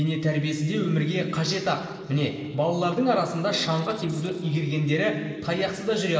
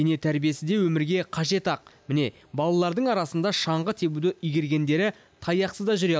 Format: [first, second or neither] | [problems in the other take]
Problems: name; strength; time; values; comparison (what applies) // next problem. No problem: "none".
second | noise reduction (neural separator model SepFormer DNS4)